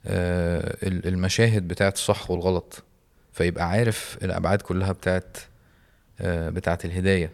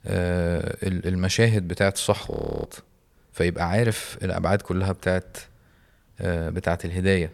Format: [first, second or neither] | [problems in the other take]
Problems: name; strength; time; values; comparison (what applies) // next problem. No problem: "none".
first | audio freezing; at 2.5 s